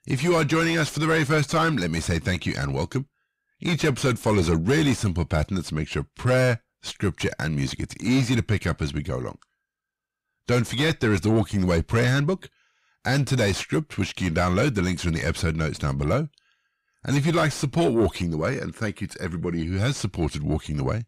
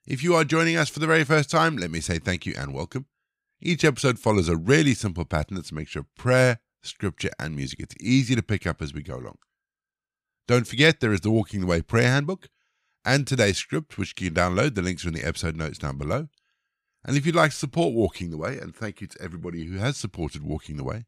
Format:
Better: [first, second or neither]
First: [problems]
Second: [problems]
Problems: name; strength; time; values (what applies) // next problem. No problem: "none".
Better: second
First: distortion; heavy; 6 dB below the speech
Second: none